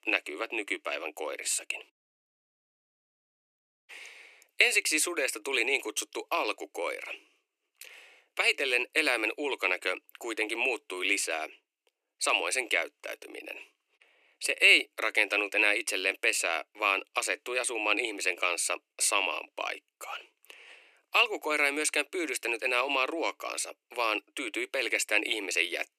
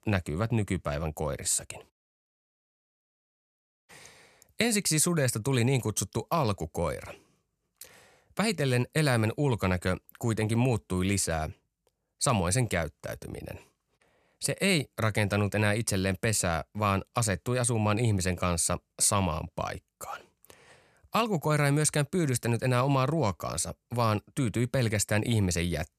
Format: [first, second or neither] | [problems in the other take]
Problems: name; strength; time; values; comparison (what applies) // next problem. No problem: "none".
second | thin; very; fading below 300 Hz